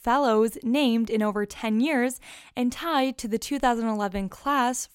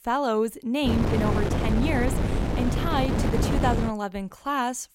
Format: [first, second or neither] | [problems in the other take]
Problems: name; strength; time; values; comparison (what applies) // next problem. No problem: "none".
first | wind noise on the microphone; heavy; from 1 to 4 s; 3 dB below the speech